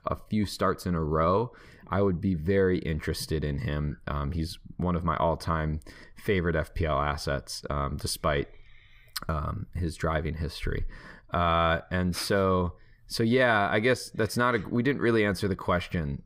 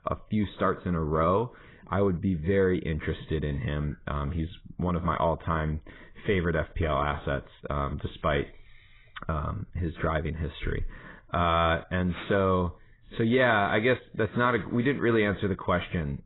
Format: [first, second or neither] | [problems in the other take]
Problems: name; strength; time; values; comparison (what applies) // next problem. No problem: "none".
first | garbled, watery; badly; nothing above 4 kHz